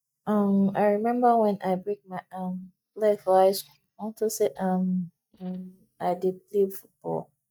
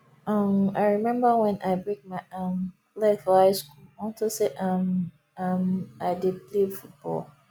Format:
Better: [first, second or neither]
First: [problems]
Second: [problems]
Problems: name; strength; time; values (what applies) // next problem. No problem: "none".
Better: second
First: noise reduction (neural mask model DeepFilterNet 3)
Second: none